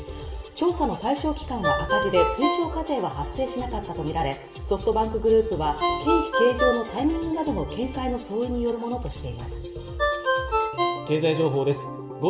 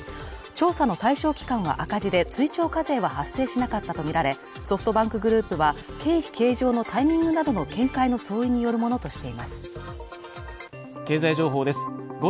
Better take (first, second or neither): second